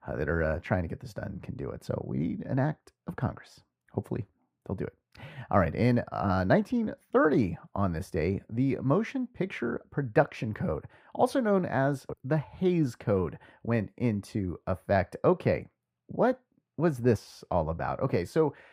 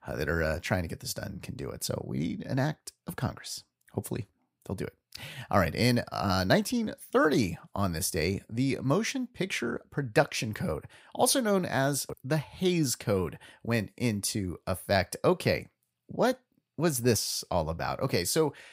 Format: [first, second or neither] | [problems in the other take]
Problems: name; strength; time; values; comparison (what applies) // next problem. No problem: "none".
second | muffled; very; fading above 3 kHz